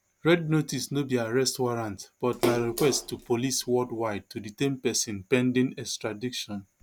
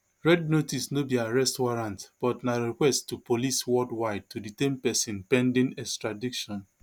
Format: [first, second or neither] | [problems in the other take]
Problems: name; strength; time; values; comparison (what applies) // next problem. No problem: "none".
second | background sound (Splash, splatter); 6 dB below the speech